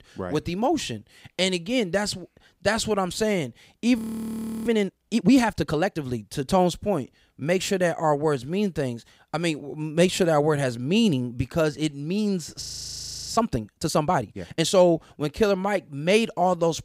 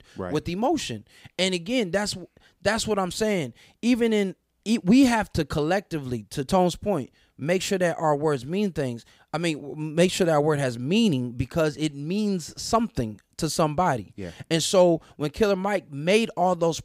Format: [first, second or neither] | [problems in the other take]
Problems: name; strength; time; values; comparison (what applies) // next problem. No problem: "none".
second | audio freezing; at 4 s for 0.5 s and at 13 s for 0.5 s